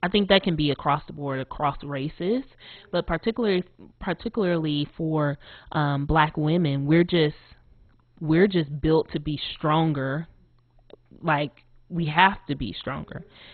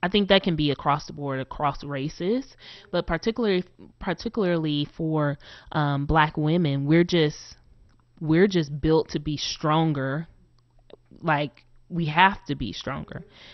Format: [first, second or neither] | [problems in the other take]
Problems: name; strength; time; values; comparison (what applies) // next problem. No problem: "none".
second | garbled, watery; badly; nothing above 4 kHz; slightly in the second